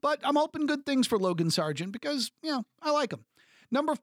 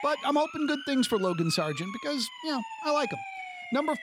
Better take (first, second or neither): first